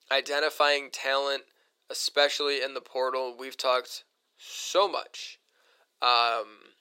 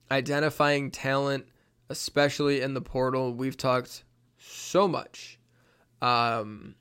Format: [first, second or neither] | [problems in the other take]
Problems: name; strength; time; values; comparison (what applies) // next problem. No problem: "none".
second | thin; very; fading below 450 Hz